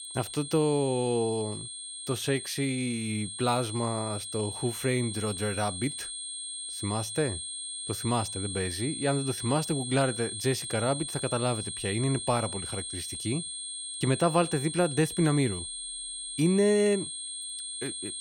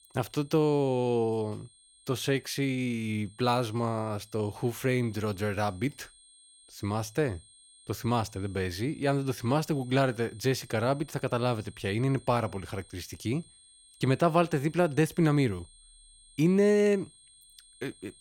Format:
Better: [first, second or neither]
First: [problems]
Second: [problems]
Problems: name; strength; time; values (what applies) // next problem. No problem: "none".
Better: second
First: high-pitched whine; loud; throughout; 8.5 kHz, 6 dB below the speech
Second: high-pitched whine; faint; throughout; 8.5 kHz, 25 dB below the speech